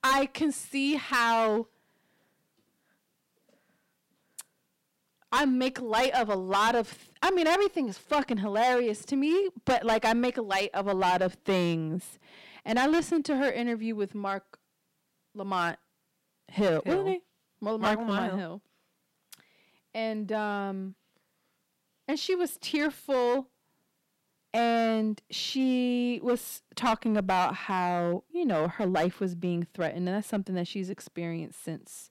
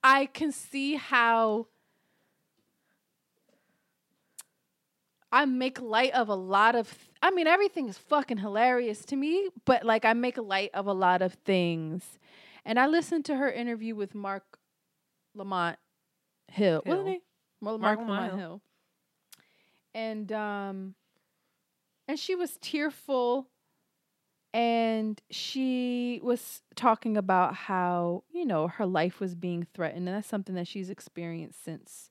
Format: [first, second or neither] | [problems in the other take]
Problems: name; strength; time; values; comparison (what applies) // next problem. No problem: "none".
second | distortion; heavy; 6% of the sound clipped